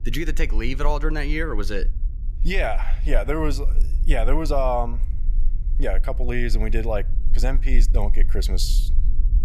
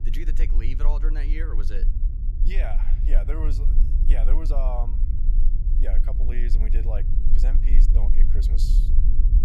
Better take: first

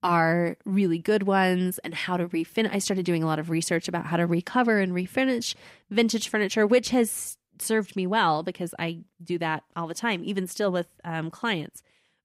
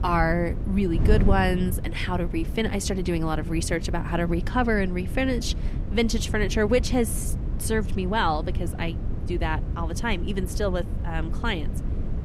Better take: first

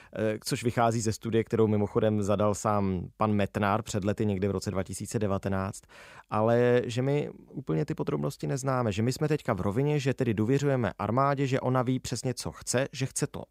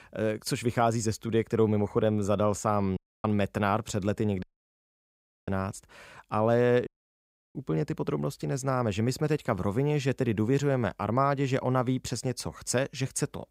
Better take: first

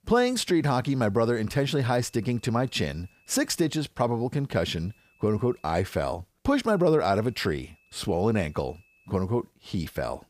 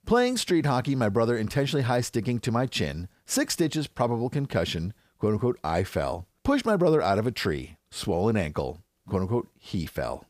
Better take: second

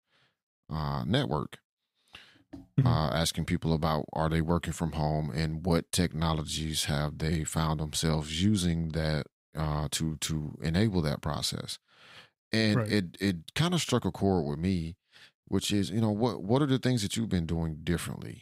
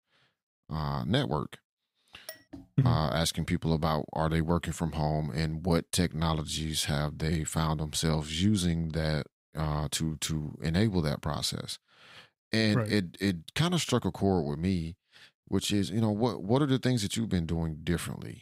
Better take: first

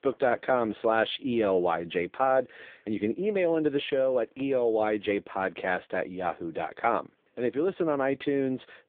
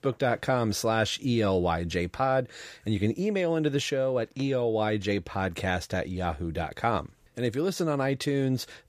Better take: second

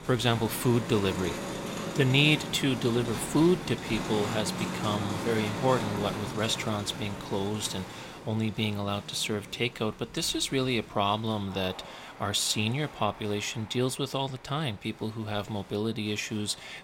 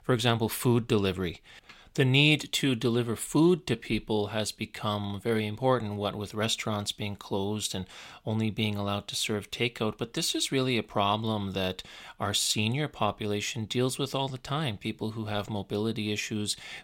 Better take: second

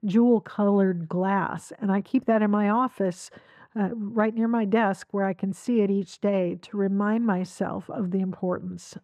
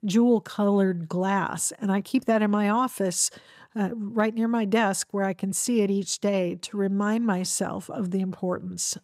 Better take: second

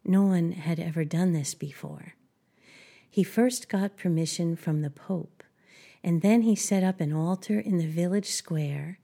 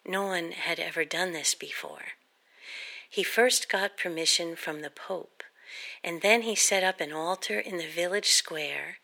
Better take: first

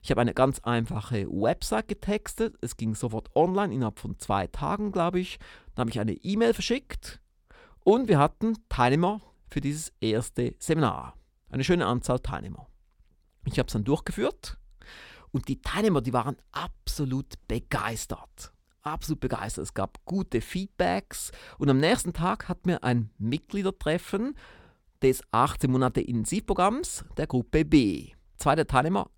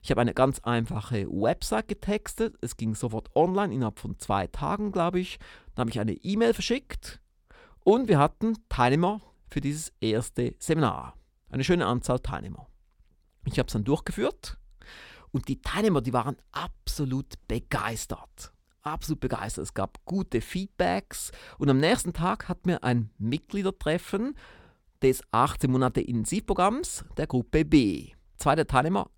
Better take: neither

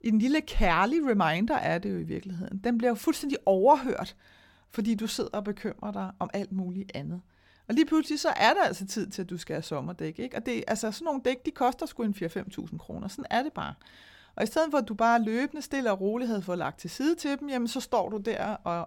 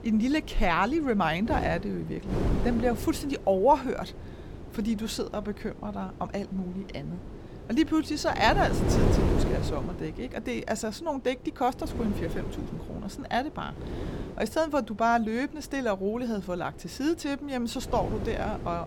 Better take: first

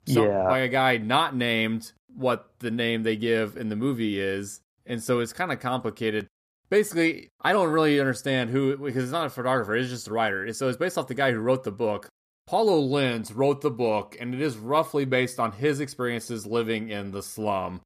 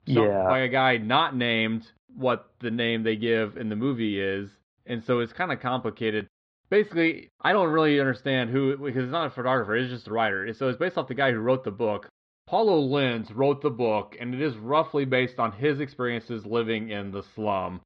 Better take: first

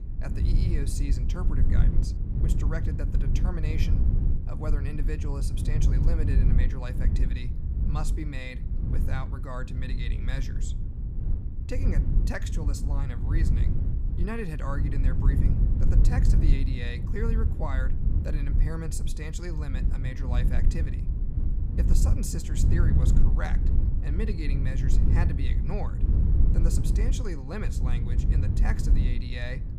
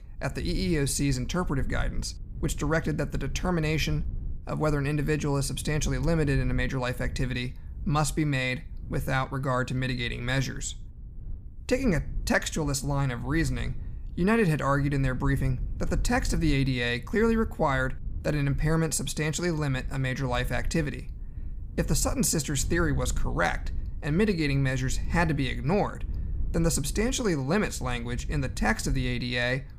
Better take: second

